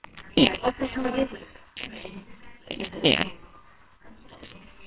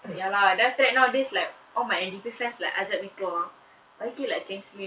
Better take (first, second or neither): second